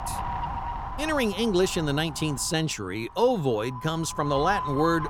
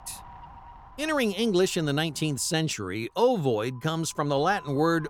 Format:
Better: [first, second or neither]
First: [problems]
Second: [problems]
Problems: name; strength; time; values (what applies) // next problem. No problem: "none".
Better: second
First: wind noise on the microphone; heavy; 6 dB below the speech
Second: wind noise on the microphone; occasional gusts; 20 dB below the speech